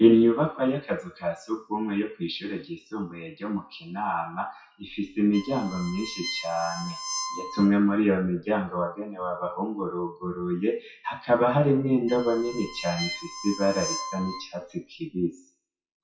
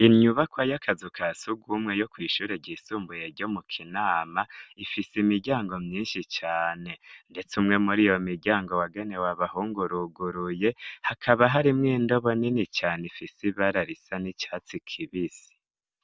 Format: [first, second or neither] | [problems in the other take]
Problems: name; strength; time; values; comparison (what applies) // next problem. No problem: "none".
second | noise reduction (classical method WPE with log-MMSE)